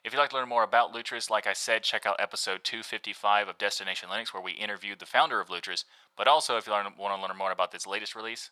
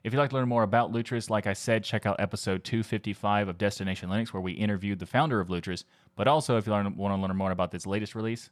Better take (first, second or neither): second